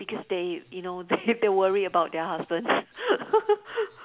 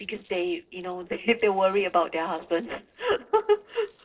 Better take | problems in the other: first | noise reduction (neural separator model SepFormer DNS4)

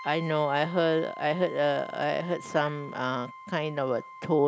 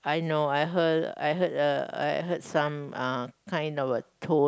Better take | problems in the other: second | background sound (Brass instrument); 16 dB below the speech

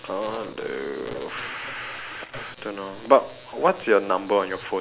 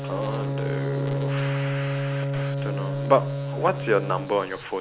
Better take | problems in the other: first | background sound (Bowed string instrument); as loud as the speech

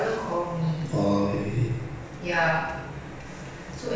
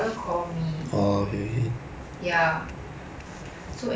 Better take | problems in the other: second | room echo; dies away in 0.9 s

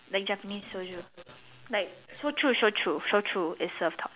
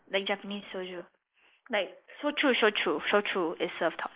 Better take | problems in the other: first | noise reduction (neural mask model Resemble Enhance denoiser)

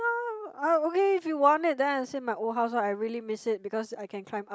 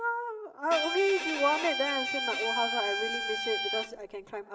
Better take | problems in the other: first | background sound (Bowed string instrument); 2 dB below the speech // room echo; dies away in 2.3 s

